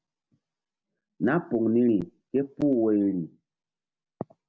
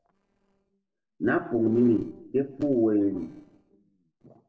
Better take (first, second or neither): first